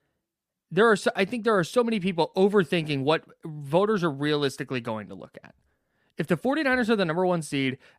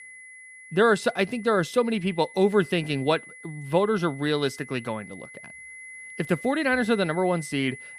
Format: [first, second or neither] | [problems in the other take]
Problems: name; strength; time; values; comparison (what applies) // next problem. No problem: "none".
first | high-pitched whine; noticeable; throughout; 2 kHz, 15 dB below the speech